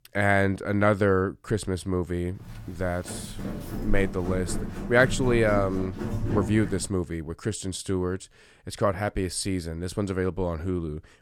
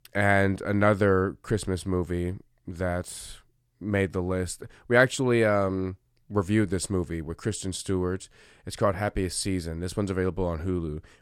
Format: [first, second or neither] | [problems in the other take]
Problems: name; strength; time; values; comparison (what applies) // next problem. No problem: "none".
second | footsteps; noticeable; from 3 to 7 s; peak 3 dB below the speech